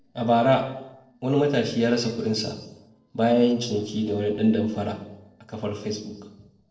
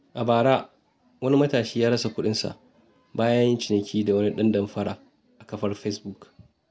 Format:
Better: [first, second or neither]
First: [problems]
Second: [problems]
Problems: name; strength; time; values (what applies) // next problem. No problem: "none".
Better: second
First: noise reduction (neural separator model SepFormer DNS4)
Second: none